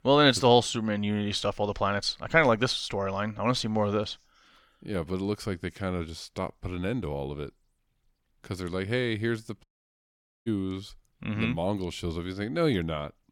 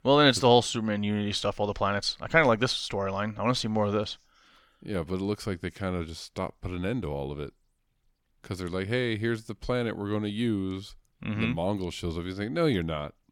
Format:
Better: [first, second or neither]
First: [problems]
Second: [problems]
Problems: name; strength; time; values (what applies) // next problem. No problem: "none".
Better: second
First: audio cutting out; at 9.5 s for 1 s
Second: none